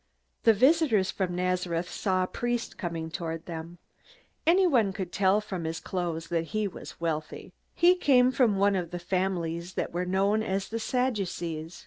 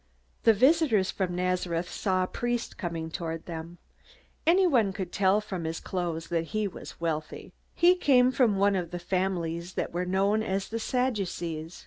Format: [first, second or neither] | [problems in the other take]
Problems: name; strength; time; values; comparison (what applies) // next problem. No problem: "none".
second | noise reduction (neural separator model SepFormer DNS4)